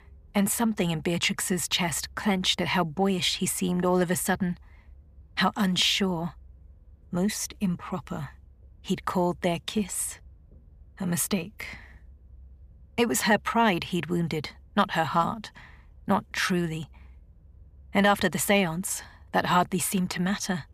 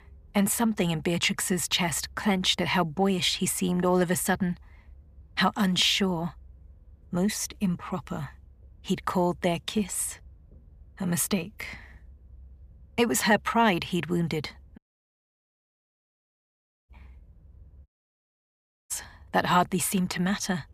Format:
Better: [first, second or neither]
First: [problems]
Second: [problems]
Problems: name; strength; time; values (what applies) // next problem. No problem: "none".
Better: first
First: none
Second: audio cutting out; at 15 s for 2 s and at 18 s for 1 s